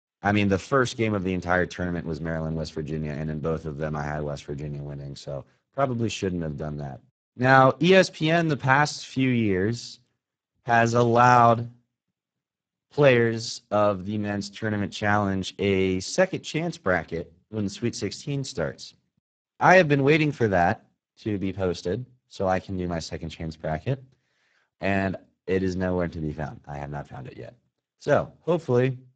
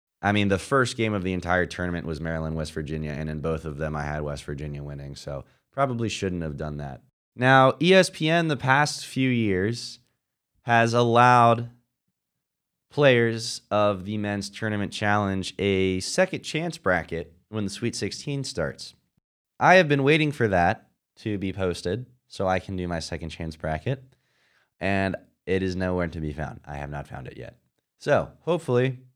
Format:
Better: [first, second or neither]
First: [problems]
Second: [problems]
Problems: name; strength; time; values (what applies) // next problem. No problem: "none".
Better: second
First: garbled, watery; badly; nothing above 7.5 kHz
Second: none